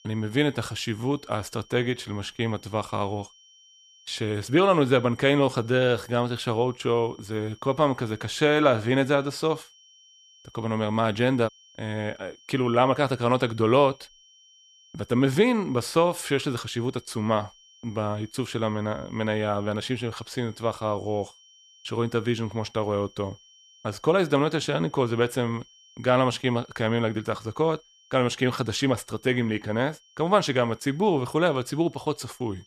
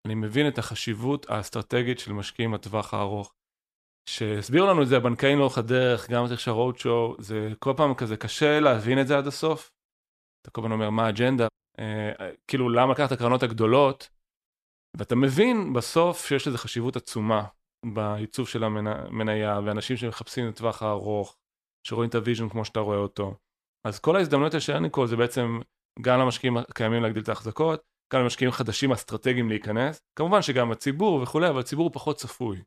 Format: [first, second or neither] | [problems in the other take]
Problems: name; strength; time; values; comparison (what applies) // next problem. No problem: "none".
second | high-pitched whine; faint; throughout; 3 kHz, 30 dB below the speech